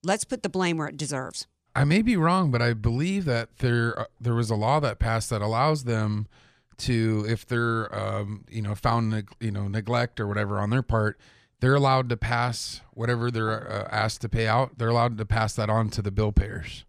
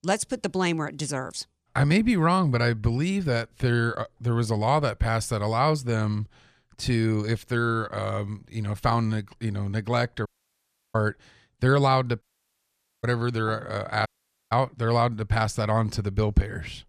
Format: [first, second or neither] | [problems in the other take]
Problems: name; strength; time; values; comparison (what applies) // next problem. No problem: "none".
first | audio cutting out; at 10 s for 0.5 s, at 12 s for 1 s and at 14 s